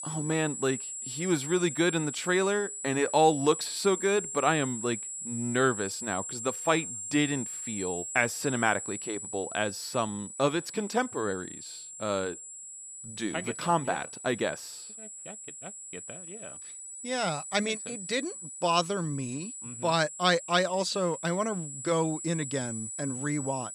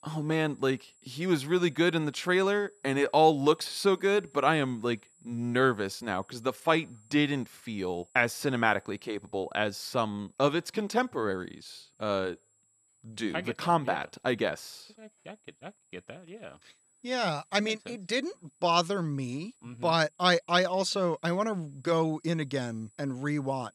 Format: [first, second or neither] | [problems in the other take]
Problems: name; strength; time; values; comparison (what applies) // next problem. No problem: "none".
second | high-pitched whine; loud; throughout; 7.5 kHz, 8 dB below the speech; faint in the second